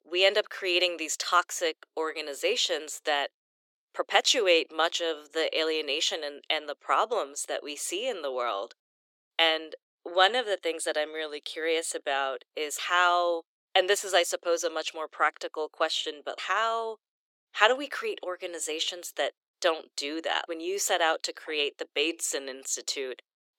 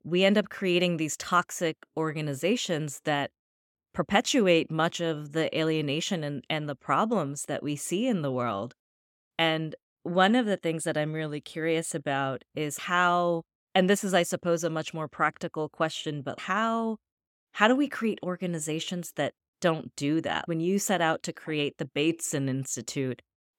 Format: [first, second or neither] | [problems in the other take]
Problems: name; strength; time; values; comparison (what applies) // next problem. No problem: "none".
second | thin; very; fading below 400 Hz